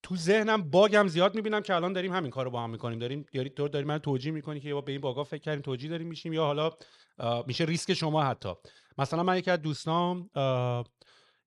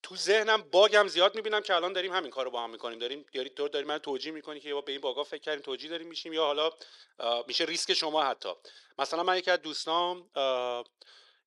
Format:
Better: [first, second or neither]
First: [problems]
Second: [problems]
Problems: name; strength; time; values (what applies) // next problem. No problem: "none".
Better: first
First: none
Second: thin; very; fading below 350 Hz